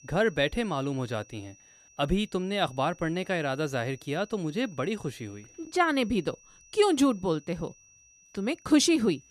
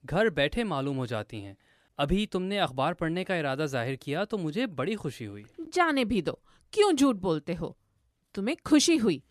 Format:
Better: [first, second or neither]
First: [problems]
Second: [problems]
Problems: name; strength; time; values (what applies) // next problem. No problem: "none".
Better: second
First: high-pitched whine; faint; throughout; 6 kHz, 25 dB below the speech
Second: none